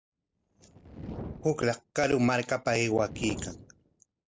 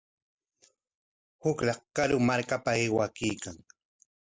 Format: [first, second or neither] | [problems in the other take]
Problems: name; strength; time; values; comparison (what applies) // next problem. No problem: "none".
second | background sound (Fire); 14 dB below the speech